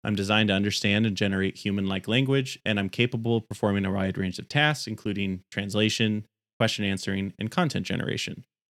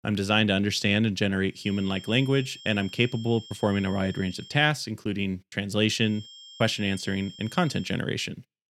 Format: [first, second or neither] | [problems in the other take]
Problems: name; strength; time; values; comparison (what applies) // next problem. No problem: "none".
first | high-pitched whine; noticeable; from 1.5 to 4.5 s and from 6 to 8 s; 3 kHz, 20 dB below the speech